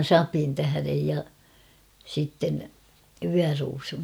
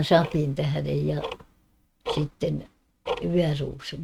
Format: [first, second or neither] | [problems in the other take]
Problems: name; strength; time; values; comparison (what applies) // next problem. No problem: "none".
first | noise reduction (neural mask model RNNoise)